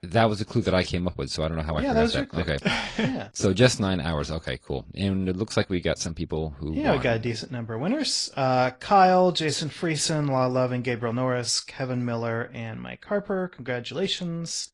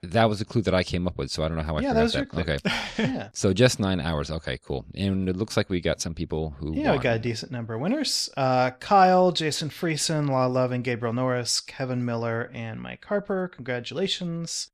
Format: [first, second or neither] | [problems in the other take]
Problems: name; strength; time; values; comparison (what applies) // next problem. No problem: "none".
second | garbled, watery; slightly; nothing above 10.5 kHz